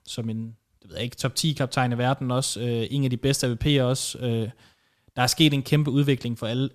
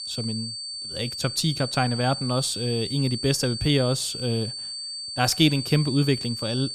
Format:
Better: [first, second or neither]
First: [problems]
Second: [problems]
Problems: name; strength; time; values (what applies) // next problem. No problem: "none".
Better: first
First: none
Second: high-pitched whine; loud; throughout; 4.5 kHz, 6 dB below the speech